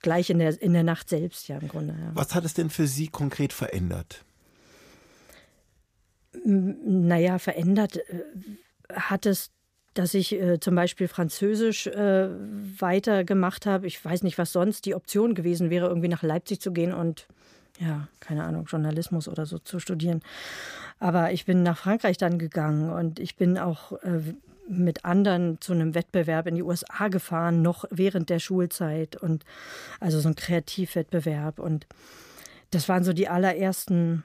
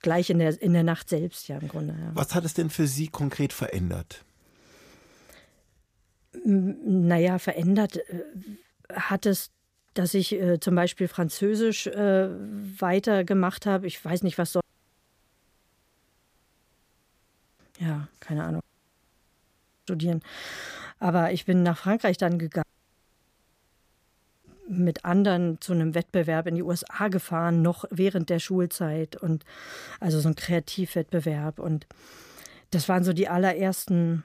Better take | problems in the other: first | audio cutting out; at 15 s for 3 s, at 19 s for 1.5 s and at 23 s for 2 s

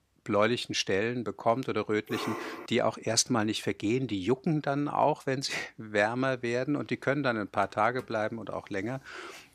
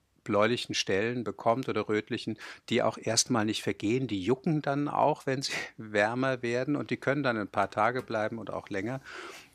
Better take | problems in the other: second | dog barking; noticeable; at 2 s; peak 6 dB below the speech

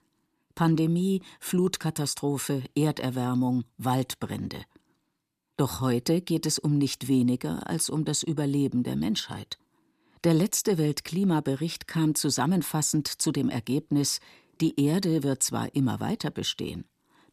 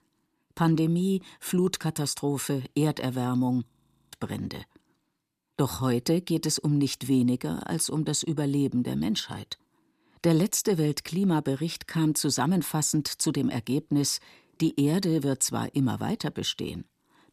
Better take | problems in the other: first | audio freezing; at 3.5 s

